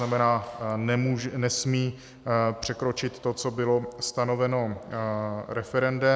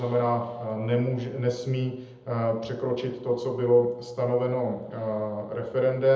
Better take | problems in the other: first | room echo; dies away in 0.7 s

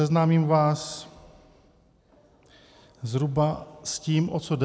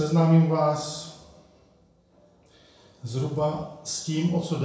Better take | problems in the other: first | room echo; dies away in 0.6 s

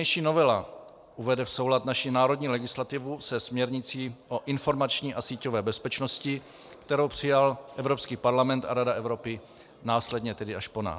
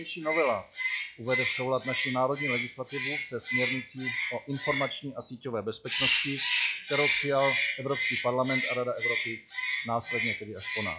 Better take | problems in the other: first | noise reduction (classical method log-MMSE)

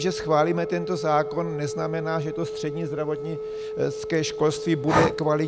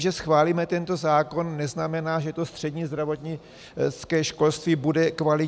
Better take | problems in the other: second | background sound (Breathing + Telephone); 4 dB below the speech

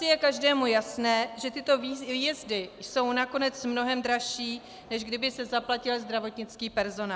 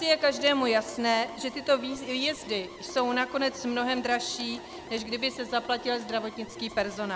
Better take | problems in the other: first | background sound (Alarm + Sink (filling or washing) / Water tap, faucet); 15 dB below the speech

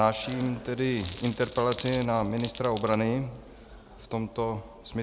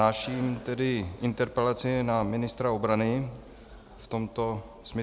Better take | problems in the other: second | background sound (Glass); 17 dB below the speech

